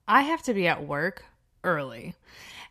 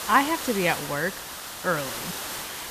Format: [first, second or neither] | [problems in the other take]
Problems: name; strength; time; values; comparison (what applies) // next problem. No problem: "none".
first | hiss; loud; throughout; 6 dB below the speech